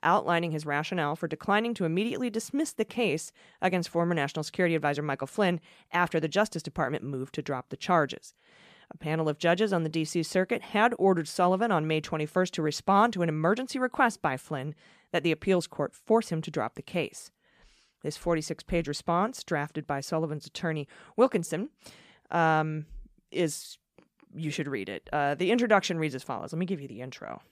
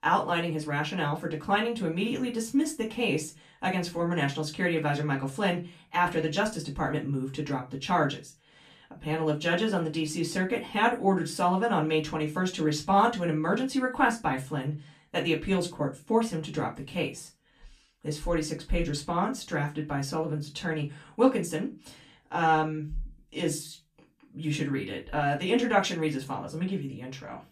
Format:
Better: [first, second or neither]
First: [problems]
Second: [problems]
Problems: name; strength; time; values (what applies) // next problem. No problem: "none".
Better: first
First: none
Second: off-mic speech; far // room echo; very slight; dies away in 0.2 s